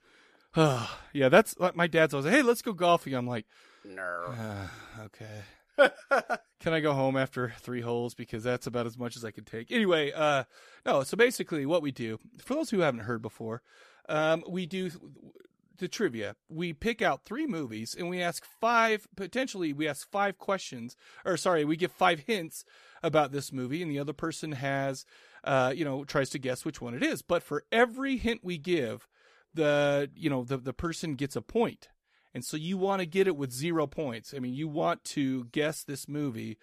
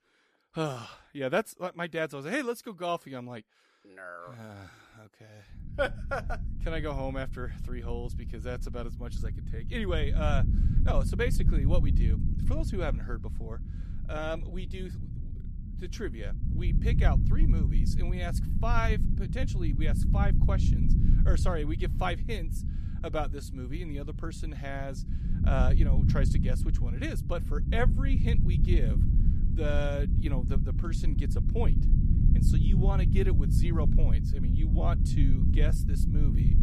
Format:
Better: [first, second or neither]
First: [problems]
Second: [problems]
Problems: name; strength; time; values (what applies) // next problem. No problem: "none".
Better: first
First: none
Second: low rumble; loud; from 5.5 s on; 7 dB below the speech